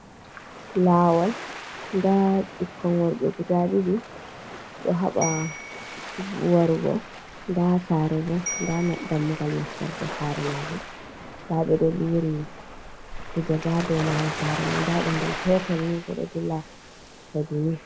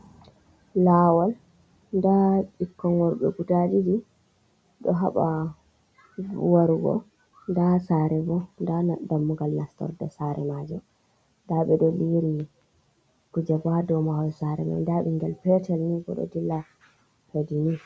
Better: second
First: background sound (Bell + Waves, surf); 10 dB below the speech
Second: none

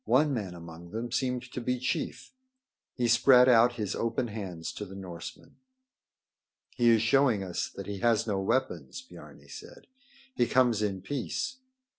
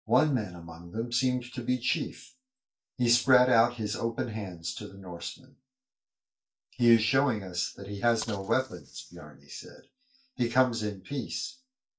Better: first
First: none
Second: noise reduction (neural mask model DeepFilterNet 3)

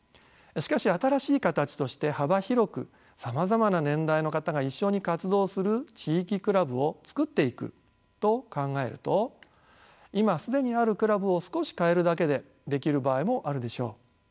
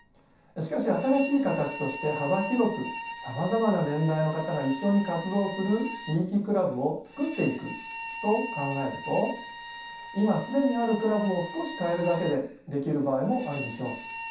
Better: first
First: none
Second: background sound (Bowed string instrument); 12 dB below the speech // room echo; dies away in 0.7 s

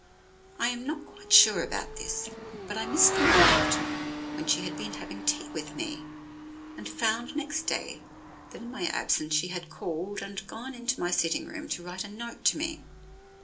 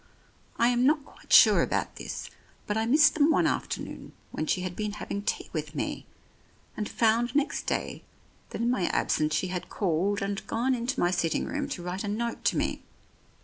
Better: second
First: background sound (Motorcycle / Accelerating, revving, vroom); 3 dB below the speech // room echo; dies away in 0.2 s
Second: none

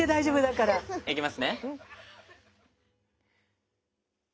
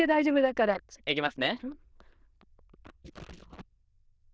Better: first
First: none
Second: noise reduction (neural diffusion model UNIVERSE++)

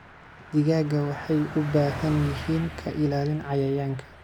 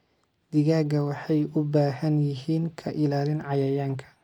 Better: second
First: background sound (Car passing by); 13 dB below the speech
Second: none

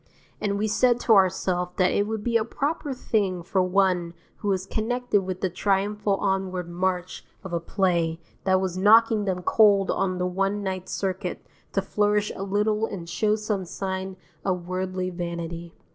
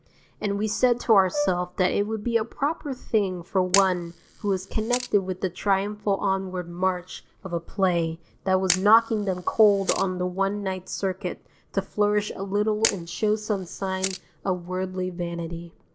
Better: first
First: none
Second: background sound (Brass instrument + Camera); 10 dB below the speech

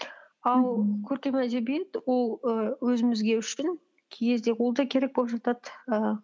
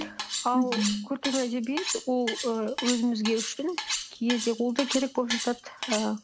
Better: first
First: none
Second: background sound (Cutlery, silverware); 6 dB below the speech

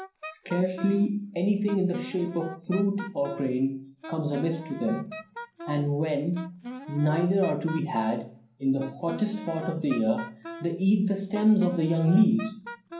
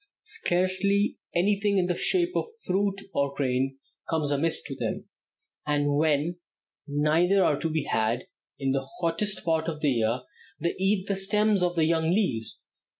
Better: second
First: background sound (Wind instrument, woodwind instrument); 14 dB below the speech // room echo; dies away in 0.6 s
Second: none

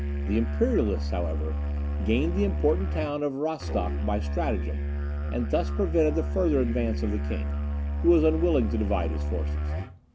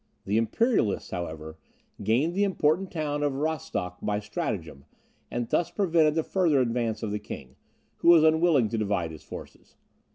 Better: second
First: background sound (Musical instrument); as loud as the speech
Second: none

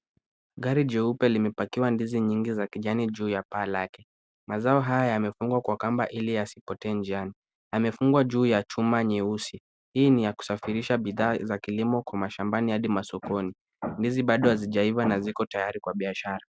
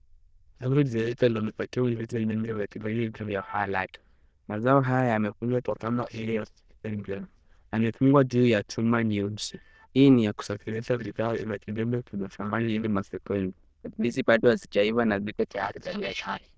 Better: first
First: none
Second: noise reduction (neural diffusion model UNIVERSE++)

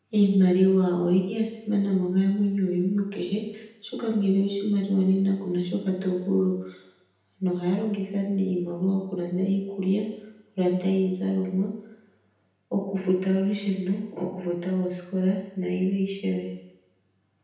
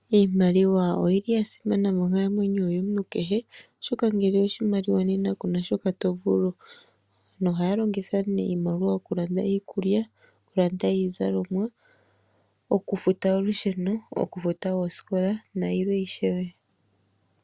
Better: second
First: room echo; dies away in 0.9 s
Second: none

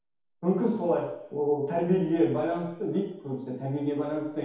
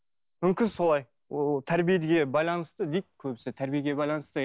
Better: second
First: room echo; dies away in 2.2 s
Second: none

